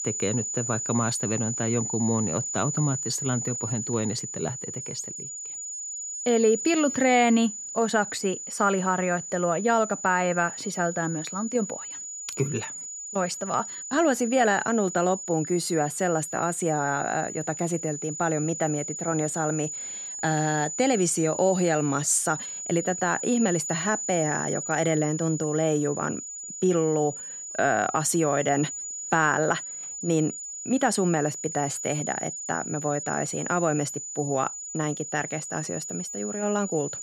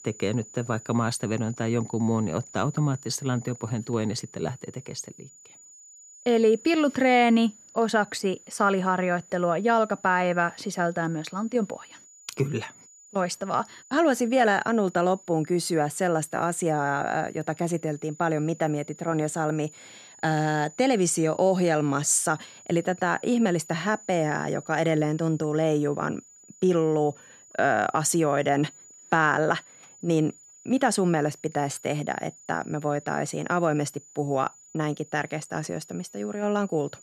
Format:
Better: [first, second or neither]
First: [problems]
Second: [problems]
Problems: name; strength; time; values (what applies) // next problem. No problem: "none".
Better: second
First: high-pitched whine; loud; throughout; 7 kHz, 6 dB below the speech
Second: high-pitched whine; faint; throughout; 7 kHz, 20 dB below the speech